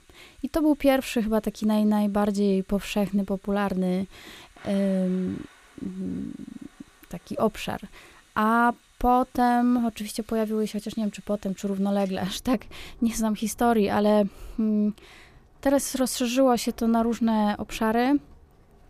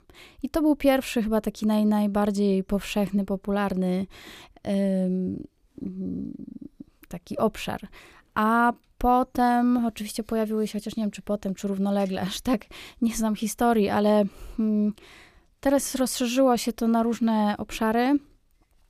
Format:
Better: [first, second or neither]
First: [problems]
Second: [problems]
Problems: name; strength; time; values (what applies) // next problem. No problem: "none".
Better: second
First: rain or running water; faint; throughout; 30 dB below the speech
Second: none